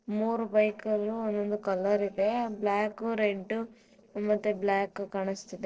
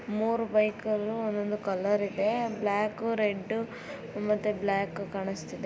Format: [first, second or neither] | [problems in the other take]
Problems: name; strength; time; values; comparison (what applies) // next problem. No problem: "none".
second | noise reduction (neural separator model SepFormer DNS4)